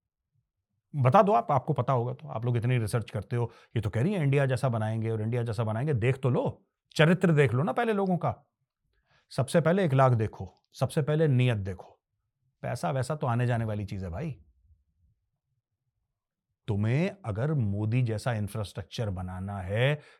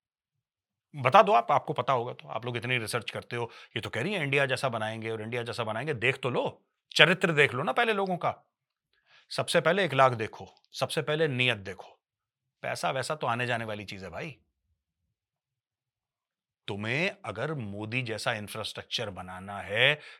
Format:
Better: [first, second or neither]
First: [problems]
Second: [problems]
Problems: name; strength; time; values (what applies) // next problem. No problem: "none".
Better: first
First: none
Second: thin; somewhat; fading below 950 Hz